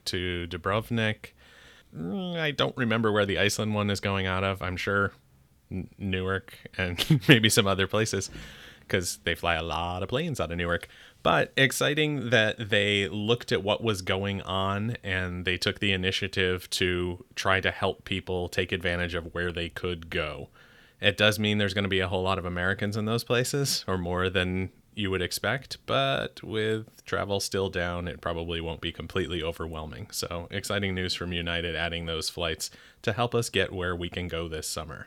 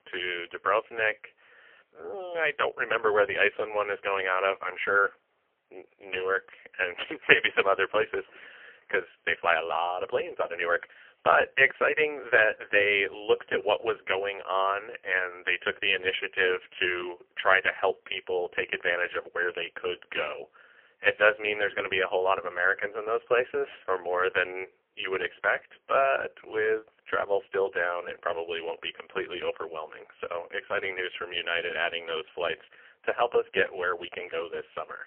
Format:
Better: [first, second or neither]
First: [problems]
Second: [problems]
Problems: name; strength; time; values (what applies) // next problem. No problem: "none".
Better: first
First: none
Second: phone-call audio; poor line; nothing above 3 kHz